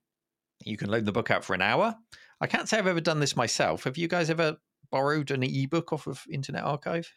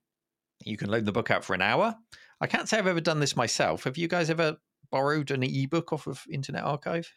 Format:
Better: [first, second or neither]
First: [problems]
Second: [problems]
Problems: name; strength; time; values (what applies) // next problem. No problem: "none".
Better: neither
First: none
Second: none